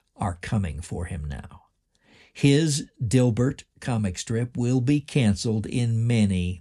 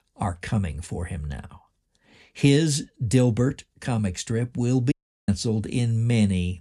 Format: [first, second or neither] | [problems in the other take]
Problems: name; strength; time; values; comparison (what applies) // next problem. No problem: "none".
first | audio cutting out; at 5 s